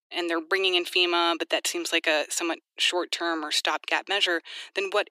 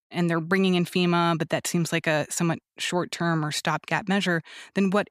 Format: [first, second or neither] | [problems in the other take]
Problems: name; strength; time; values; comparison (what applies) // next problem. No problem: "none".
second | thin; very; fading below 300 Hz